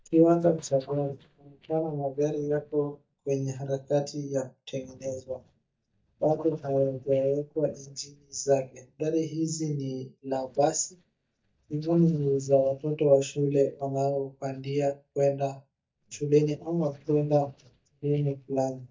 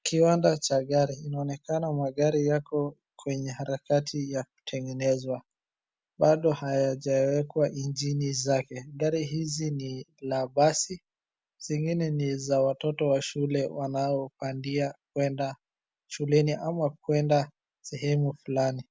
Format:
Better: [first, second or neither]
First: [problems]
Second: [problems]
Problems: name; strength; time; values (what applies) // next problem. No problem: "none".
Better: second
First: noise reduction (neural mask model DeepFilterNet 3)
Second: none